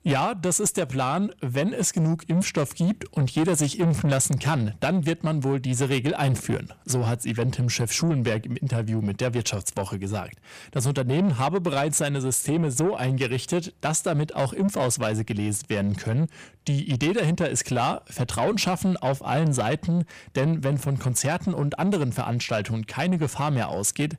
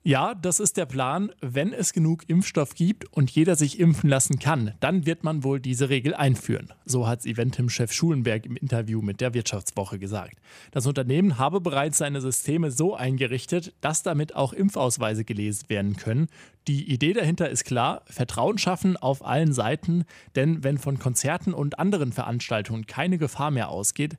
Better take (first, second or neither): second